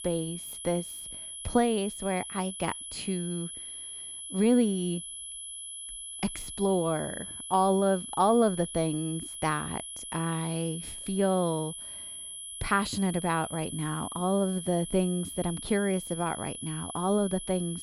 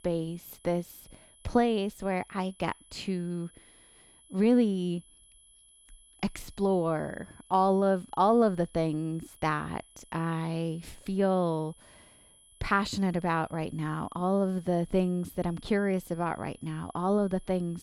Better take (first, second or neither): second